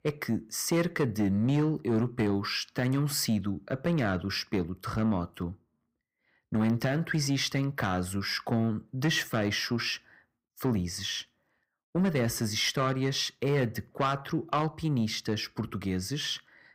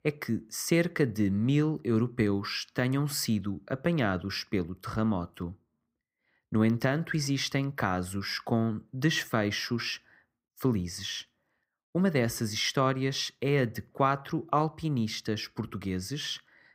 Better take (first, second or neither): second